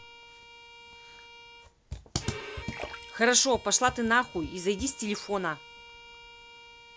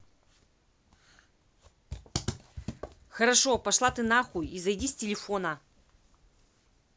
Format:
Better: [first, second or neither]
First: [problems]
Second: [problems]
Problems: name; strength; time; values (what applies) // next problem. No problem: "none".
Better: second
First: background sound (Splash, splatter + Bowed string instrument); 16 dB below the speech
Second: none